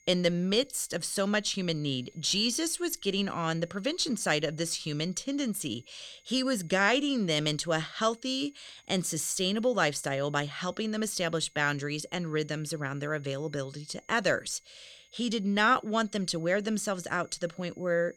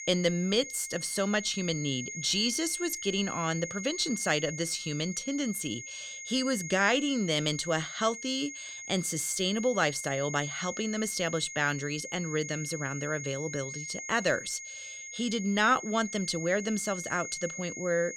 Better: first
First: high-pitched whine; faint; throughout; 2 kHz, 30 dB below the speech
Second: high-pitched whine; loud; throughout; 2 kHz, 8 dB below the speech

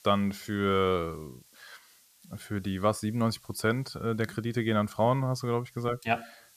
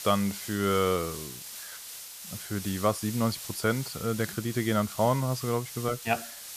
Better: first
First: hiss; faint; throughout; 30 dB below the speech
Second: hiss; loud; throughout; 10 dB below the speech

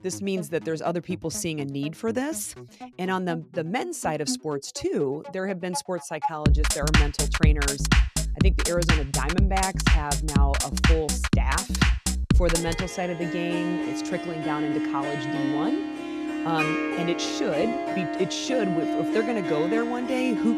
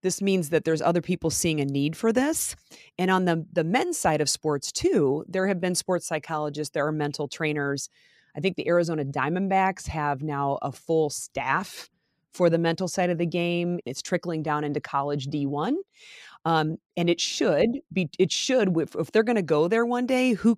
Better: second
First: background music; very loud; throughout; 4 dB above the speech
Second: none

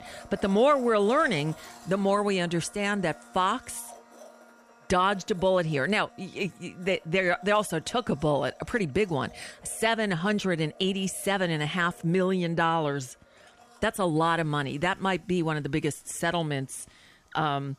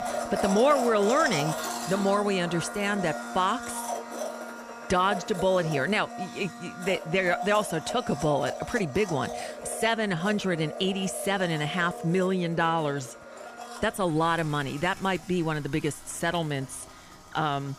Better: first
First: household noises; faint; throughout; 25 dB below the speech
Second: household noises; loud; throughout; 8 dB below the speech

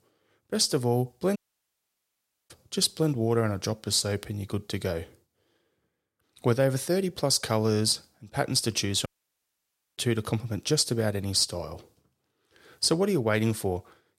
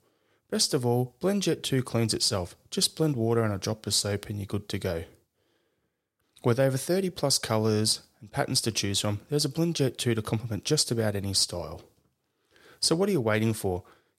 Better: second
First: audio cutting out; at 1.5 s for 1 s and at 9 s for 1 s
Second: none

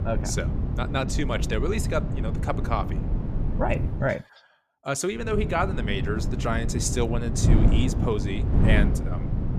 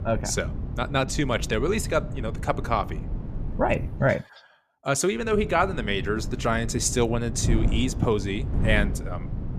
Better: second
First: wind noise on the microphone; heavy; until 4 s and from 5 s on; 7 dB below the speech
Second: wind noise on the microphone; occasional gusts; until 4 s and from 5 s on; 15 dB below the speech

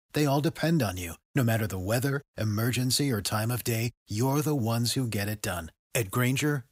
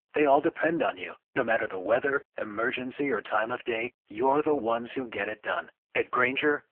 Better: first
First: none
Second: phone-call audio; poor line

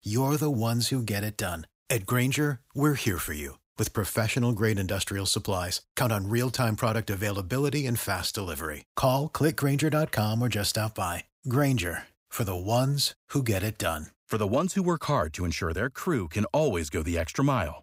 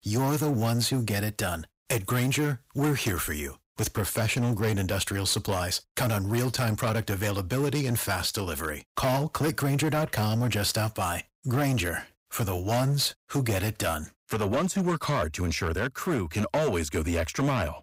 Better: first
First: none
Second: distortion; slight; 12% of the sound clipped

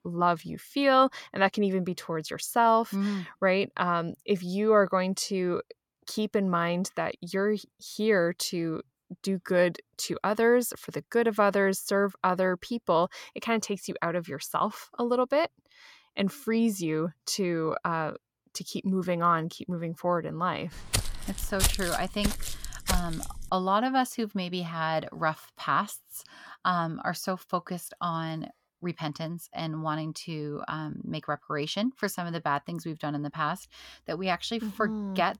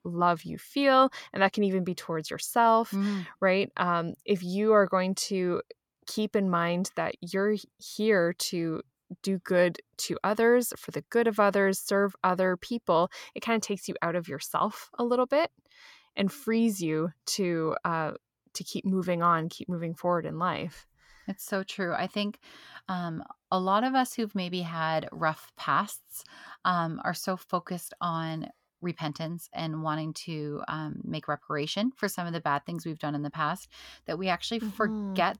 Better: second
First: footsteps; loud; from 21 to 23 s; peak 2 dB above the speech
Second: none

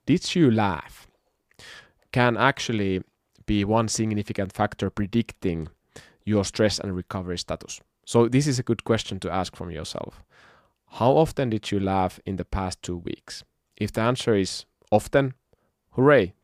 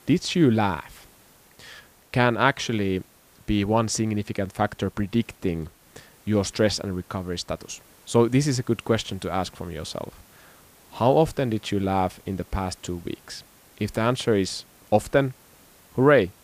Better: first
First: none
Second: hiss; faint; throughout; 30 dB below the speech

